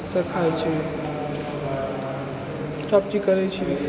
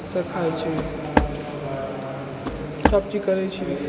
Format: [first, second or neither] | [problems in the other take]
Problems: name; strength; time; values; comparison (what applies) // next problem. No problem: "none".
first | background sound (Walk, footsteps); 1 dB above the speech